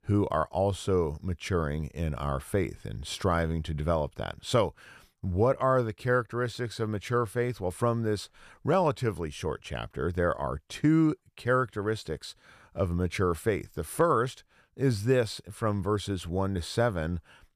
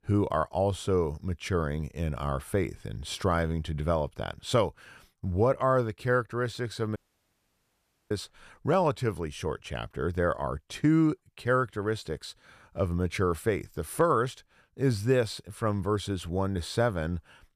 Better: first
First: none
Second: audio cutting out; at 7 s for 1 s

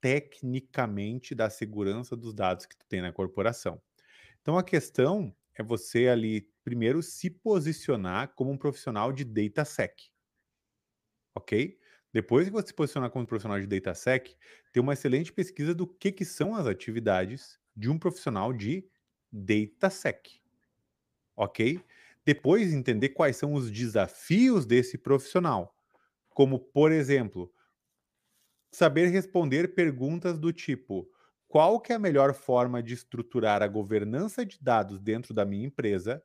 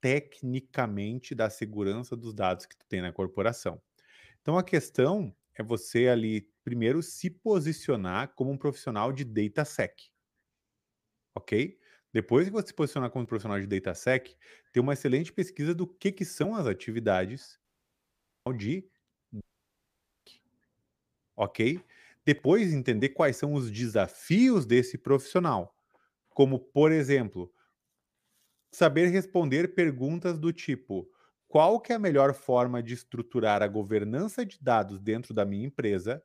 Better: first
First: none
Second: audio cutting out; at 18 s for 1 s and at 19 s for 1 s

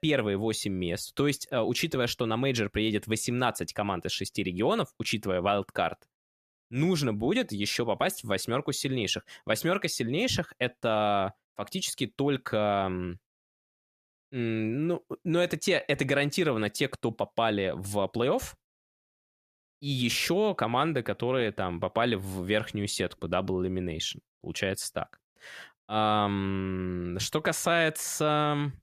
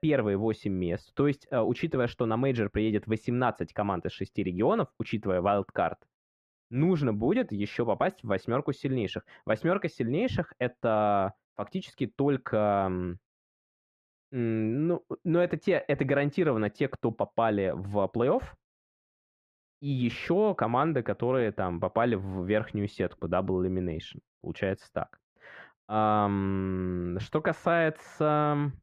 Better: first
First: none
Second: muffled; very; fading above 4 kHz

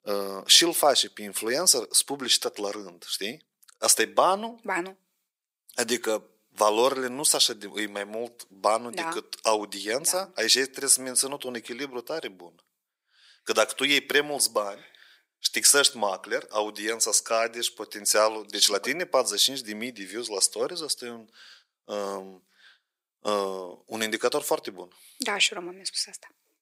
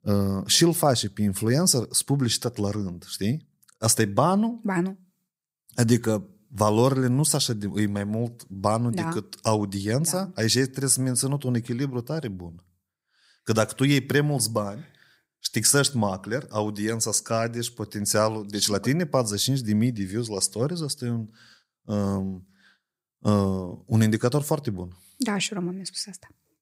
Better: second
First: thin; very; fading below 400 Hz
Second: none

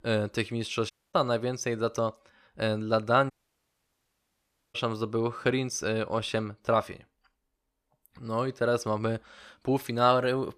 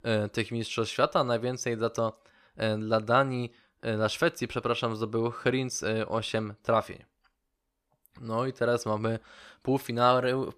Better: second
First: audio cutting out; at 1 s and at 3.5 s for 1.5 s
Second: none

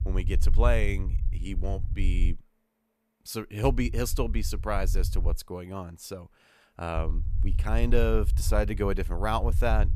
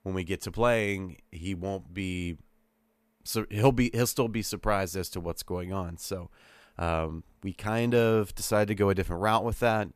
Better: second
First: low rumble; noticeable; until 2.5 s, from 3.5 to 5.5 s and from 7 s on; 20 dB below the speech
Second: none

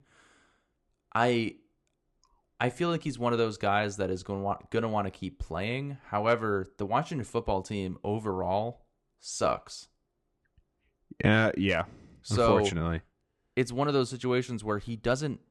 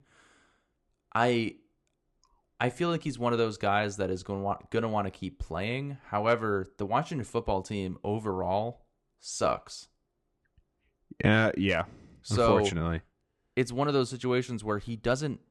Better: neither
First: none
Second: none

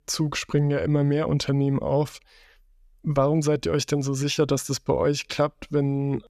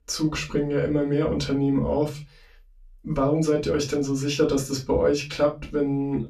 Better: first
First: none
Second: off-mic speech; far // room echo; very slight; dies away in 0.2 s

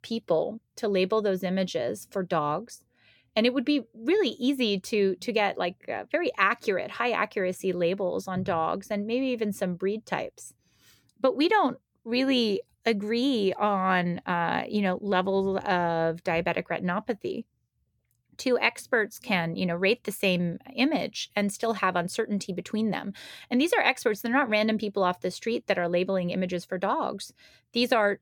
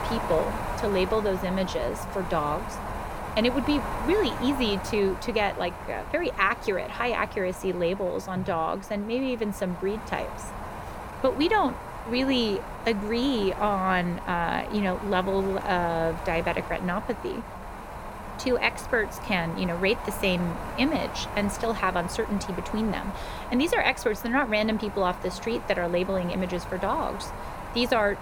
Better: first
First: none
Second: wind noise on the microphone; heavy; 8 dB below the speech

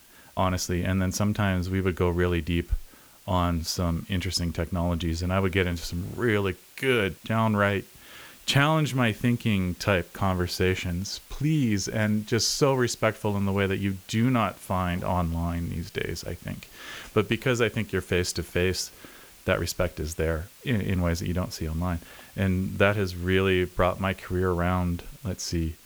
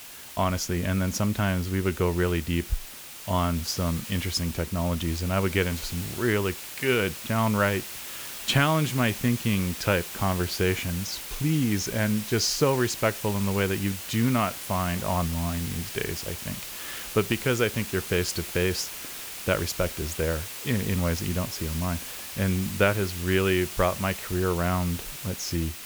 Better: first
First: hiss; faint; throughout; 20 dB below the speech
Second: hiss; loud; throughout; 8 dB below the speech

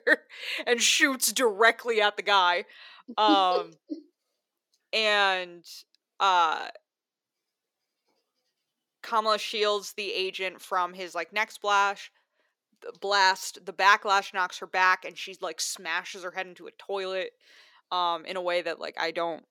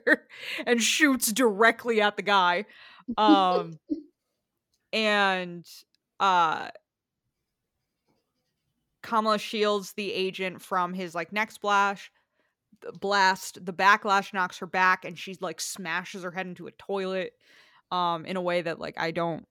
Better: second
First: thin; somewhat; fading below 450 Hz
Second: none

